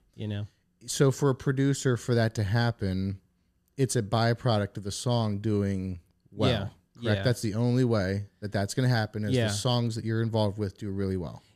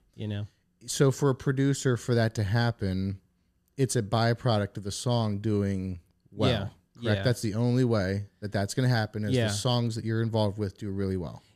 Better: neither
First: none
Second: none

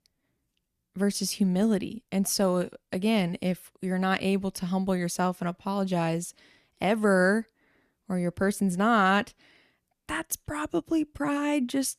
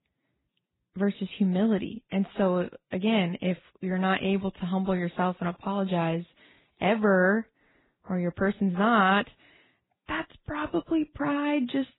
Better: first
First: none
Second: garbled, watery; badly; nothing above 4 kHz

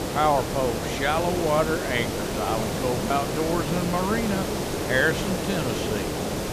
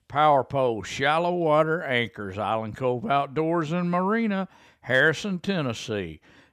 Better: second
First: hiss; loud; throughout; 2 dB below the speech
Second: none

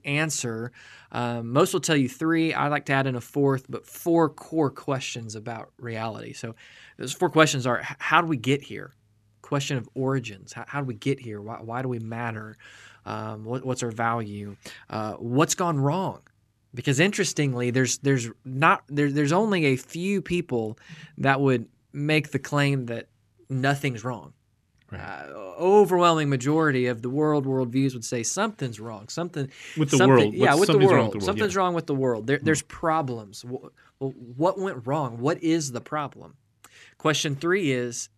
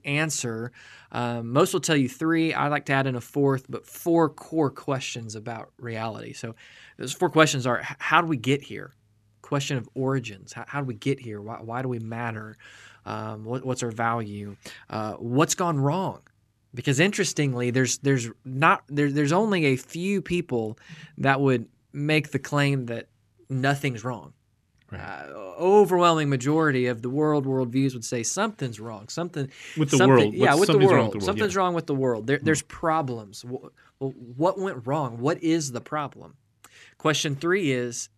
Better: neither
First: none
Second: none

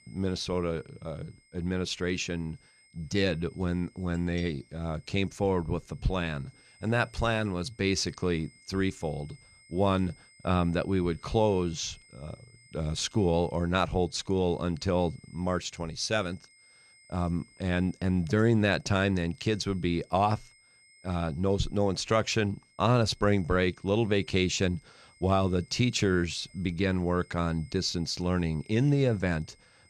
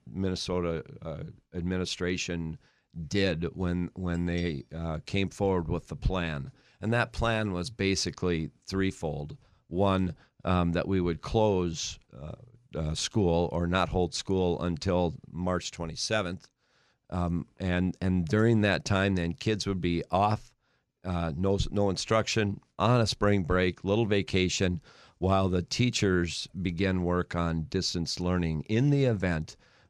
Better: second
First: high-pitched whine; faint; throughout; 2 kHz, 30 dB below the speech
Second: none

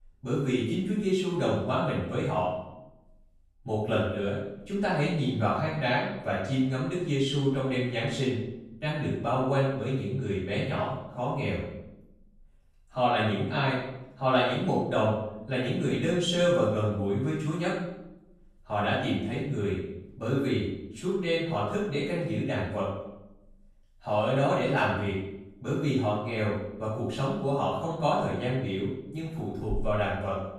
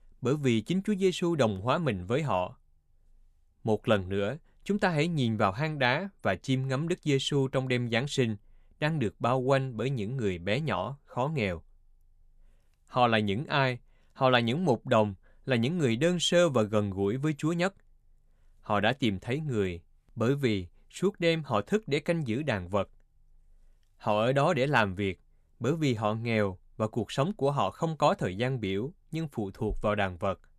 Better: second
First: room echo; noticeable; dies away in 0.7 s // off-mic speech; far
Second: none

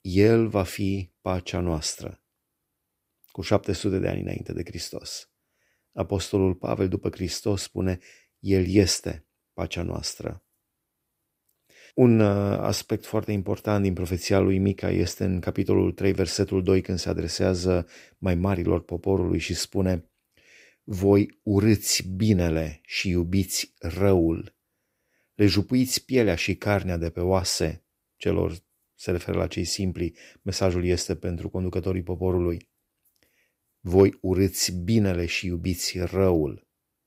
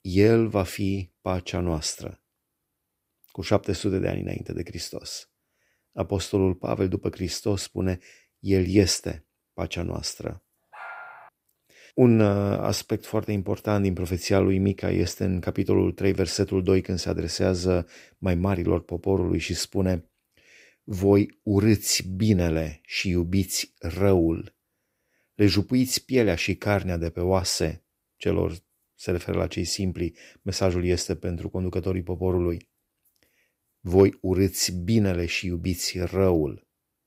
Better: first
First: none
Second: dog barking; faint; at 11 s; peak 15 dB below the speech

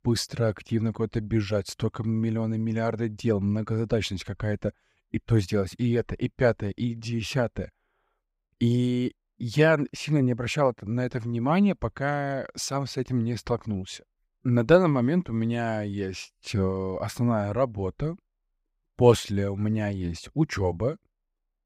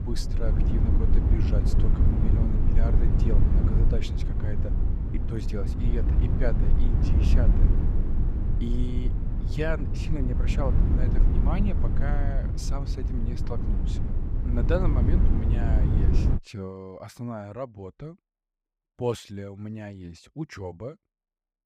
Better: first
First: none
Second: low rumble; loud; until 16 s; 2 dB below the speech

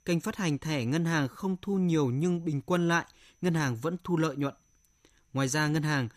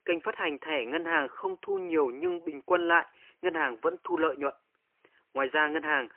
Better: first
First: none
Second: phone-call audio; poor line; nothing above 3 kHz

